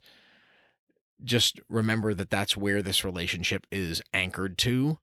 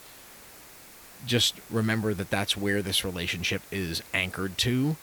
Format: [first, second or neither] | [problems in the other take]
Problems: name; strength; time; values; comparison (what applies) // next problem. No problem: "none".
first | hiss; noticeable; throughout; 20 dB below the speech